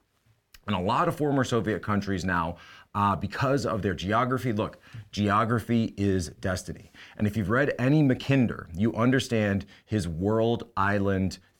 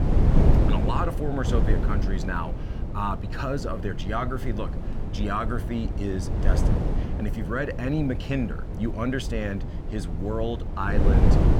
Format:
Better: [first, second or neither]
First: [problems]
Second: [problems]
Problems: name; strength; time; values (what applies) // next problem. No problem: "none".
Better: first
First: none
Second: wind noise on the microphone; heavy; 5 dB below the speech